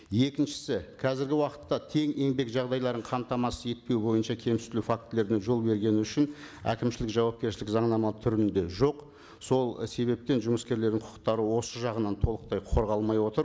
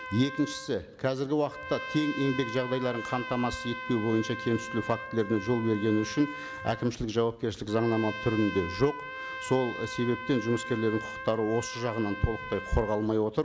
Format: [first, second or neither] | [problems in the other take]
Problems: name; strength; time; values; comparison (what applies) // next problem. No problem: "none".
first | background sound (Trumpet); 10 dB below the speech